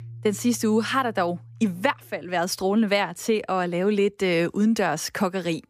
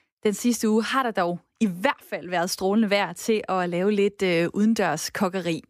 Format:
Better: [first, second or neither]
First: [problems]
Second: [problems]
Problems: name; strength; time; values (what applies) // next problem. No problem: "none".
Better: second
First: background music; faint; throughout; 20 dB below the speech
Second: none